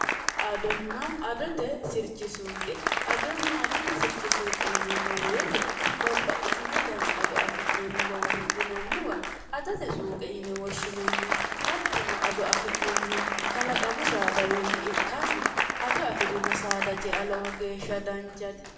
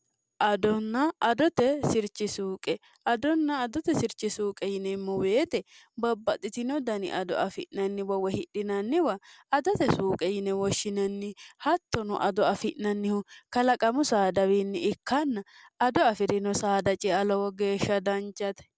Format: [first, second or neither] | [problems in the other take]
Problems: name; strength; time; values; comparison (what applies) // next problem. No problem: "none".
second | background sound (Applause); 4 dB above the speech // room echo; dies away in 0.9 s